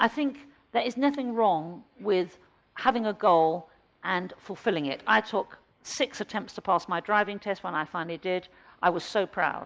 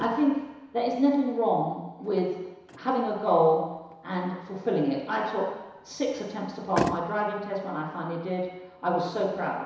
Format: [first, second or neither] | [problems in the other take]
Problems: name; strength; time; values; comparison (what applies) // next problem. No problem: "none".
first | background sound (Motor vehicle (road)); 14 dB below the speech // room echo; dies away in 1 s